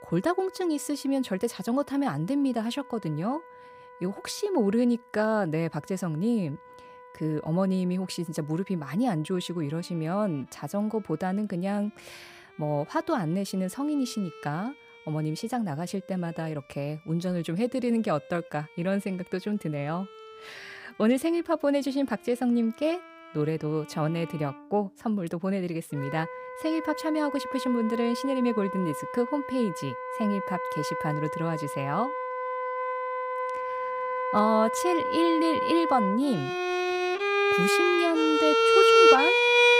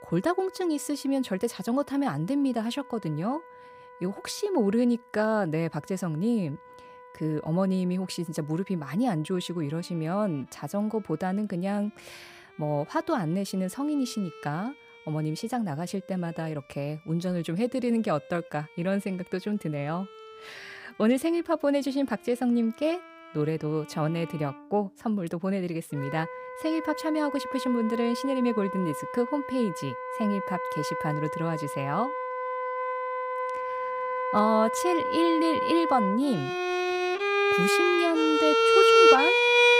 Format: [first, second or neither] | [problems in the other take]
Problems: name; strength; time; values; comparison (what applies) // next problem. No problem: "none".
neither | background music; very loud; throughout; 3 dB above the speech; the same in both